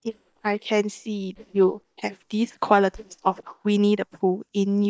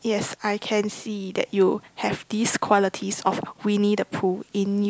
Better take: second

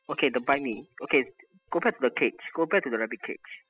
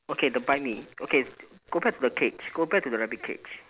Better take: second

